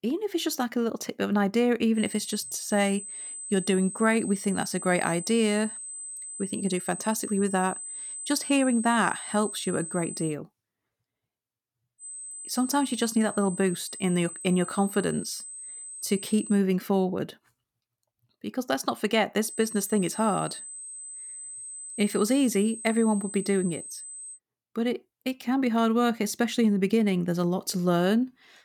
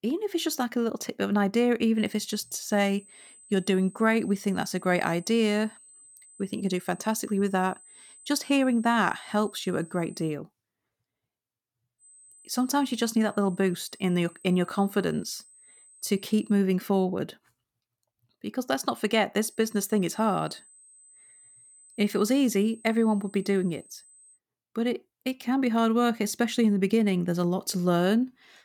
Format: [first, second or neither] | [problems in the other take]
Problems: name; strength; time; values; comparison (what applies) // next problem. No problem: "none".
second | high-pitched whine; loud; from 2 to 10 s, from 12 to 17 s and from 19 to 24 s; 8 kHz, 10 dB below the speech; faint in the second